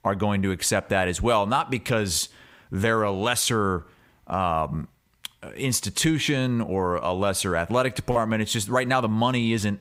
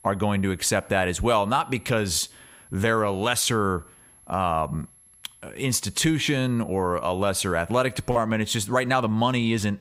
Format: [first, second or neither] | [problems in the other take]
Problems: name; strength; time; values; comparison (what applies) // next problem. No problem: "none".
first | high-pitched whine; faint; until 8 s; 11 kHz, 25 dB below the speech